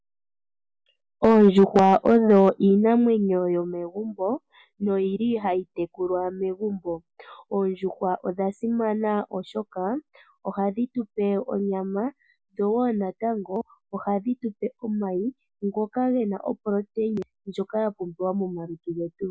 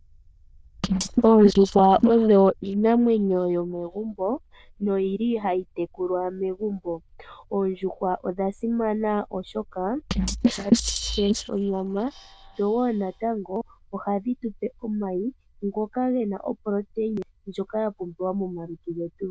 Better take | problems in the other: first | noise reduction (neural diffusion model UNIVERSE++)

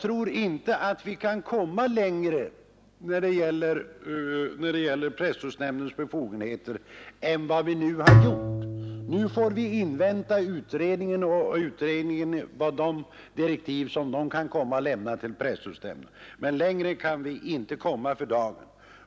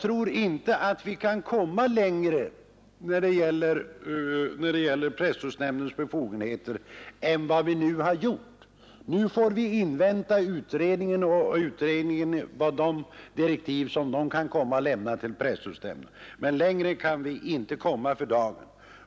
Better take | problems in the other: second | background sound (Bowed string instrument); 3 dB above the speech

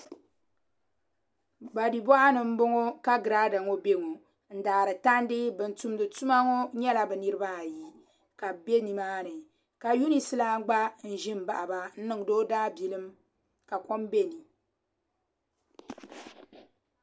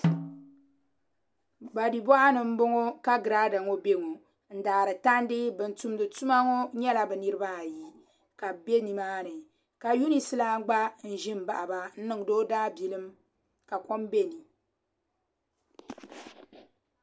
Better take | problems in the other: first | background sound (Snare drum); 5 dB below the speech

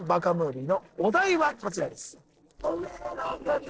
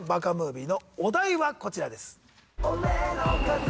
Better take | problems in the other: second | noise reduction (neural separator model SepFormer DNS4)

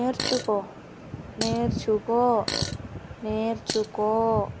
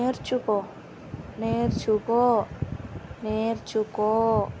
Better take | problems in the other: second | background sound (Fart); 10 dB below the speech

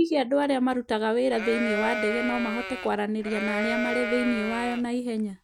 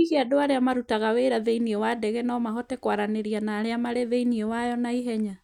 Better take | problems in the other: second | background sound (Livestock, farm animals, working animals); 5 dB below the speech

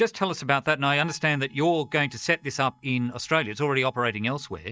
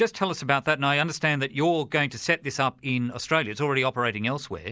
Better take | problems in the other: second | noise reduction (neural mask model DeepFilterNet 3)

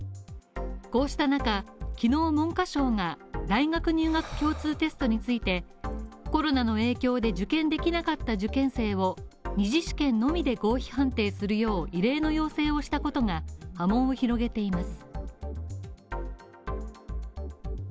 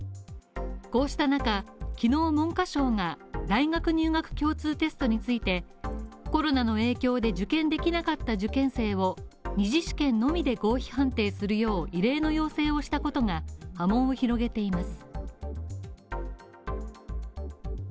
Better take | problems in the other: second | background sound (Breathing); 18 dB below the speech

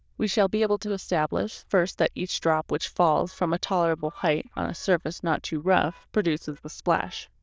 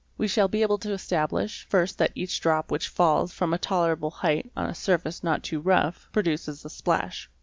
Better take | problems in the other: second | noise reduction (neural diffusion model UNIVERSE++)

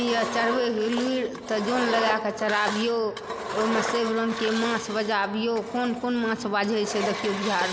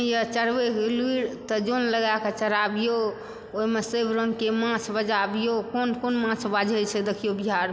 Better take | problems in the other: second | background sound (Engine); 7 dB below the speech

